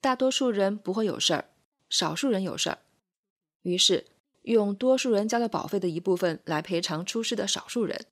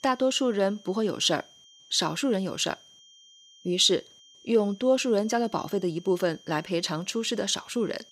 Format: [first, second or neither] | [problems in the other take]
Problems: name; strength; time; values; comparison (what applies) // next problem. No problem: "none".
first | high-pitched whine; faint; throughout; 3 kHz, 25 dB below the speech